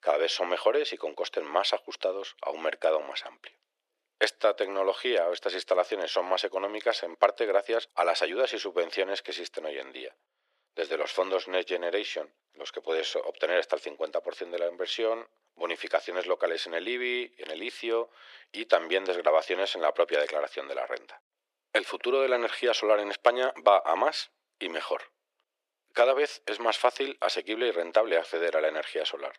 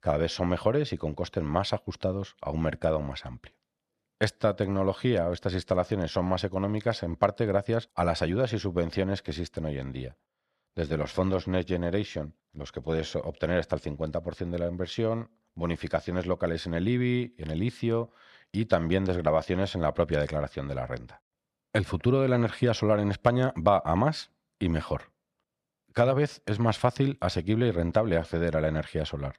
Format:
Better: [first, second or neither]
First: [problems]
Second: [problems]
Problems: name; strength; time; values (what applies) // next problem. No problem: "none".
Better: second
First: thin; very; fading below 350 Hz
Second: none